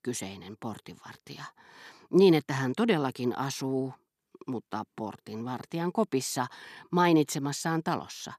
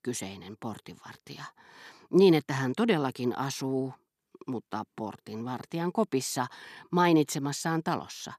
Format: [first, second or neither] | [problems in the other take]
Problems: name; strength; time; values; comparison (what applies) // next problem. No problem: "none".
neither | none